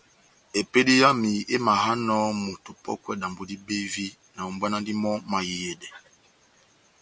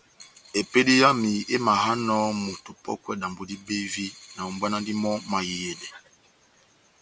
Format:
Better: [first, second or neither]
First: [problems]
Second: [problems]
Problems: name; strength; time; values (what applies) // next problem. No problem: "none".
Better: first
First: none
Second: background sound (Coin (dropping)); 19 dB below the speech